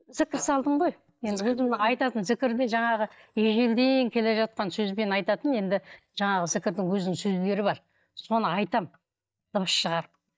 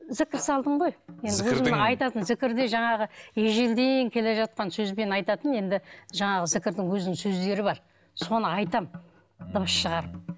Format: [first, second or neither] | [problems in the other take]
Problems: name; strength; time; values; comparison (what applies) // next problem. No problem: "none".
second | noise reduction (neural mask model DeepFilterNet 3)